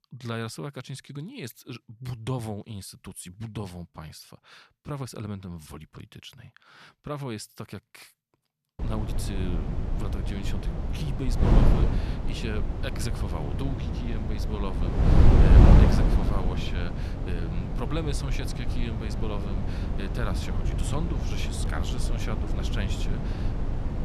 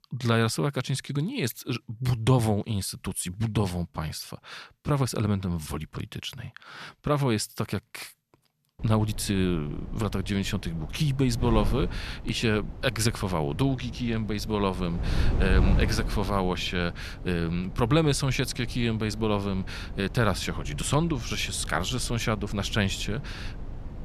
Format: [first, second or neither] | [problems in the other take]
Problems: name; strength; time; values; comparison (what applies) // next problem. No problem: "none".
second | wind noise on the microphone; heavy; from 9 s on; 3 dB above the speech; occasional gusts in the second